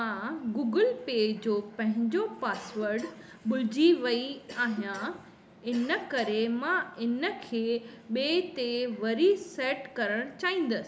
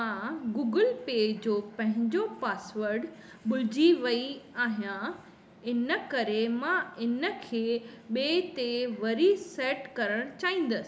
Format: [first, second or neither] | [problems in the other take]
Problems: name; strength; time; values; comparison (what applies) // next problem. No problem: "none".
second | background sound (Cough); 18 dB below the speech